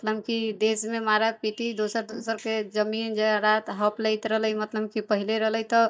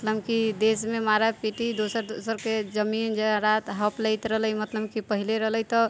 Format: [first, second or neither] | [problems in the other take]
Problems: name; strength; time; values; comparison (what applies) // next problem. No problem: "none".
second | noise reduction (neural mask model DeepFilterNet 3)